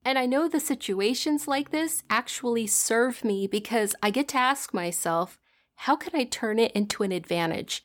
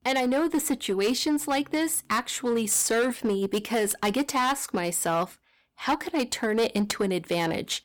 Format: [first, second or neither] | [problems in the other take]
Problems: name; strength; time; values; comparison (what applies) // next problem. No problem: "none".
first | distortion; slight; 10% of the sound clipped